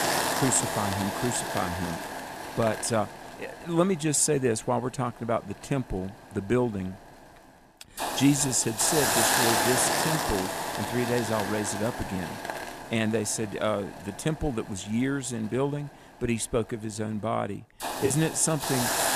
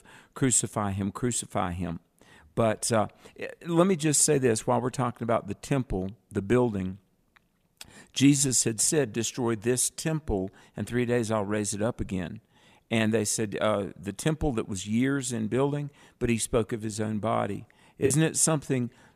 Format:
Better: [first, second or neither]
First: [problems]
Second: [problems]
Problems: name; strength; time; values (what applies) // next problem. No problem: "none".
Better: second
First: hiss; loud; throughout; 1 dB below the speech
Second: none